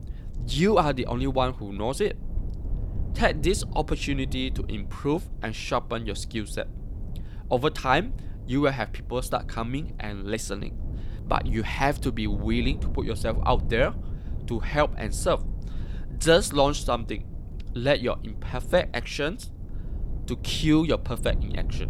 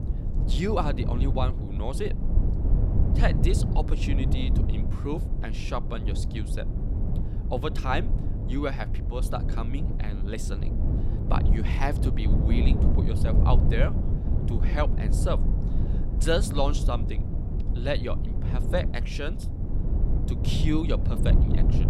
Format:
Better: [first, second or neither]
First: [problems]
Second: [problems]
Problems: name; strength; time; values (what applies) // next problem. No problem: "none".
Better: first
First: low rumble; faint; throughout; 20 dB below the speech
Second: low rumble; loud; throughout; 7 dB below the speech